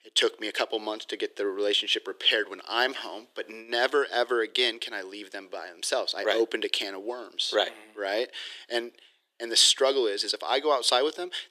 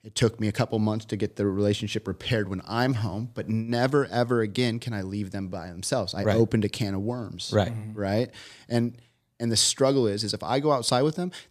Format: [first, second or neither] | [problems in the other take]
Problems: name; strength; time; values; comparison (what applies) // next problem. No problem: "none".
second | thin; very; fading below 350 Hz